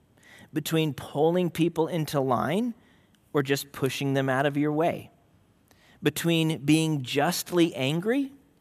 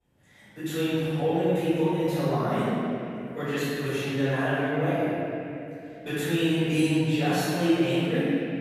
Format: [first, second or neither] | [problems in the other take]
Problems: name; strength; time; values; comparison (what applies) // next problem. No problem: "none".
first | off-mic speech; far // room echo; strong; dies away in 2.9 s